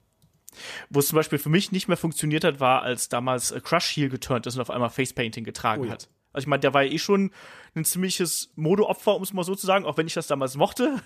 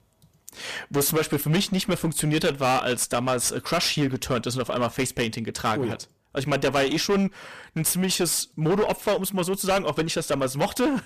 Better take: first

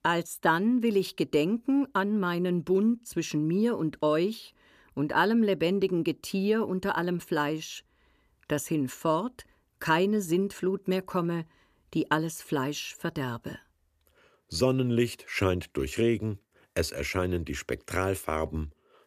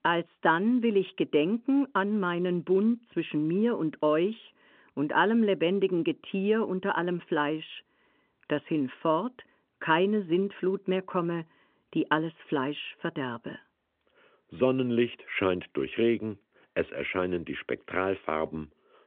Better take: first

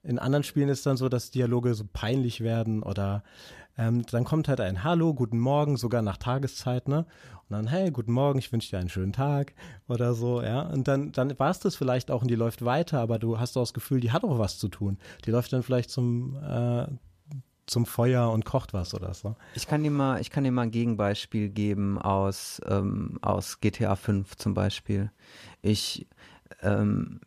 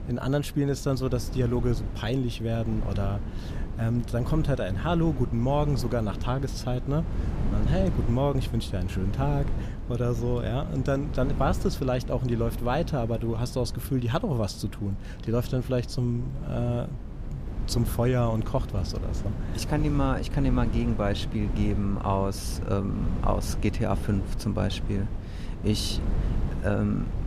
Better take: first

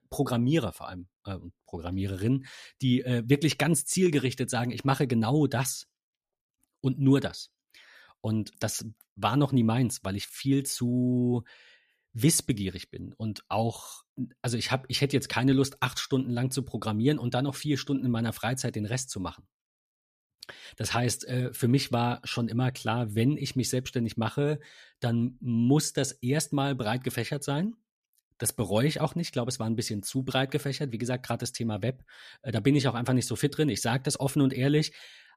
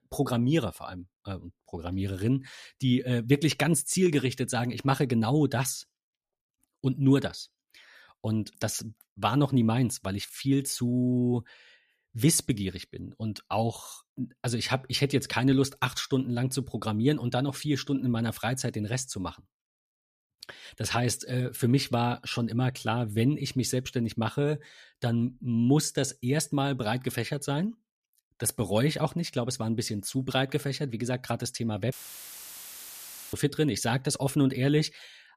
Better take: first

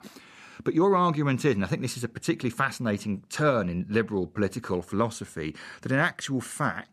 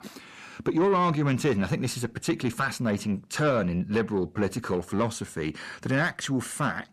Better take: first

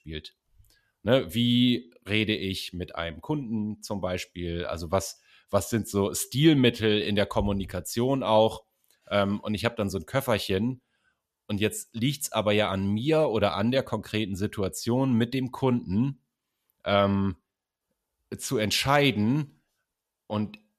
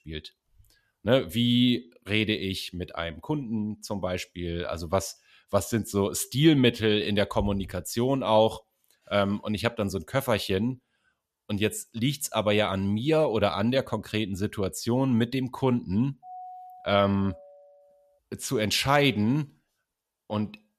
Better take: first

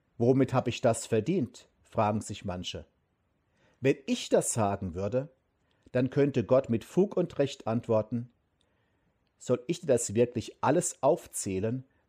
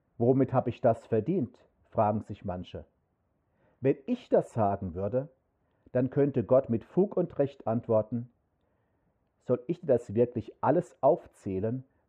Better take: first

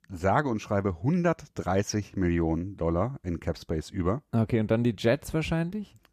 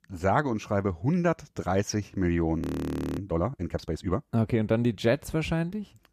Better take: first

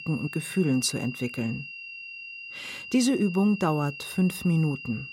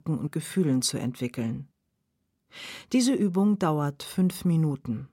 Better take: second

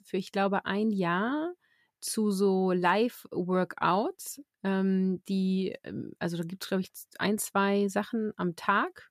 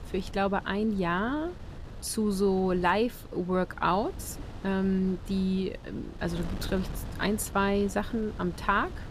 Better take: first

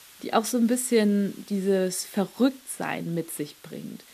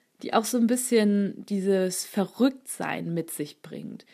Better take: second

